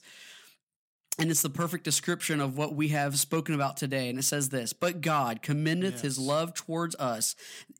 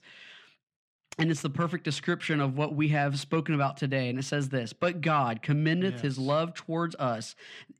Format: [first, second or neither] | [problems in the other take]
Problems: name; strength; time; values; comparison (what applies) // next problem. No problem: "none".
first | muffled; slightly; fading above 3 kHz